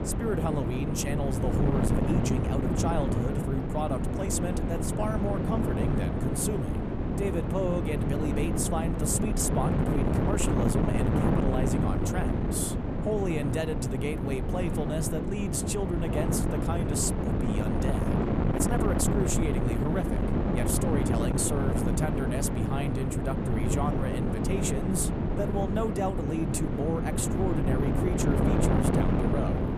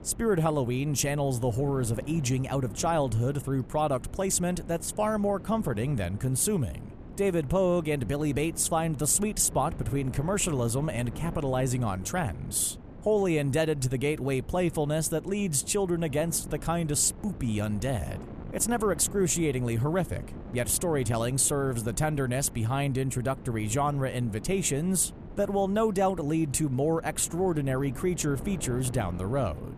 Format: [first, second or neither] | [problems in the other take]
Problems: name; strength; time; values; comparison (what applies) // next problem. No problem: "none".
second | wind noise on the microphone; heavy; 1 dB above the speech; occasional gusts in the second